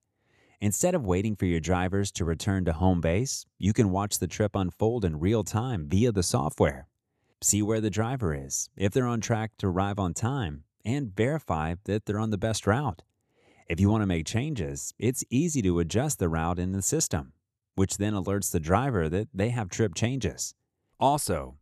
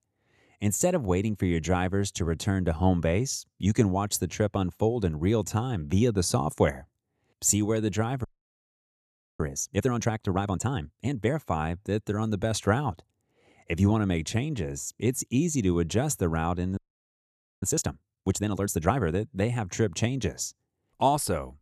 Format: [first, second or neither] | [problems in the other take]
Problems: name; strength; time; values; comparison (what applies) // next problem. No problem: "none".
first | audio freezing; at 8 s for 1 s and at 17 s for 1 s